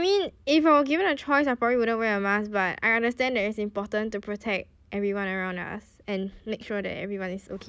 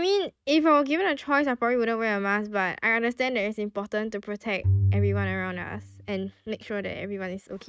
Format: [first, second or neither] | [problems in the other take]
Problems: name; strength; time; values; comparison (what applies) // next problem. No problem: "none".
first | noise reduction (neural mask model RNNoise)